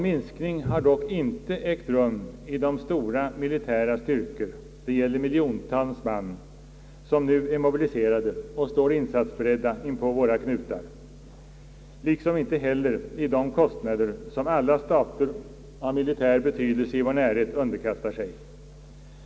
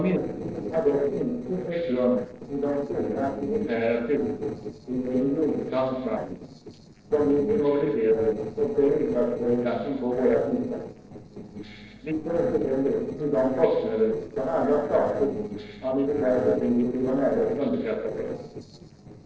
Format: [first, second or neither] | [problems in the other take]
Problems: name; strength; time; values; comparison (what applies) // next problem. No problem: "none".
first | noise reduction (neural separator model SepFormer DNS4)